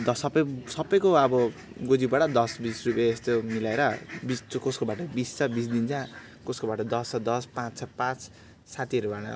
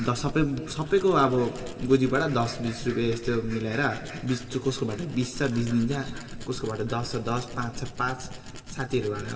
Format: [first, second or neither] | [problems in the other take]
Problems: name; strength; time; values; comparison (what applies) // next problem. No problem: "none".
first | background sound (Tools); 12 dB below the speech // room echo; dies away in 3 s